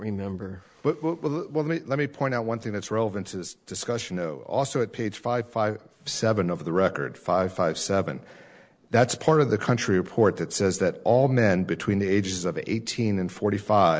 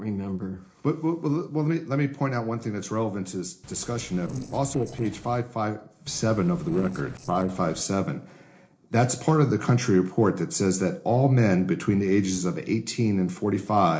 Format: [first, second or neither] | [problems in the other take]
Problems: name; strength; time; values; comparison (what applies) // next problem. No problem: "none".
first | noise reduction (neural separator model SepFormer DNS4)